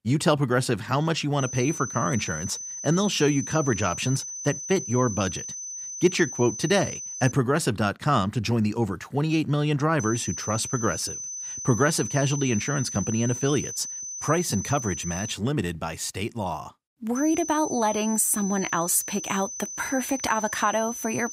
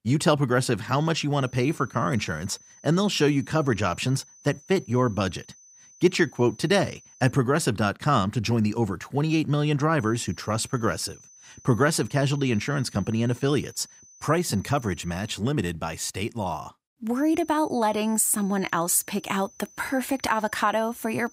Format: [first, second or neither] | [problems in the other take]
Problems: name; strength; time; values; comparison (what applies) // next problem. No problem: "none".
second | high-pitched whine; loud; from 1.5 to 7.5 s, from 10 to 15 s and from 17 s on; 6 kHz, 7 dB below the speech; faint in the second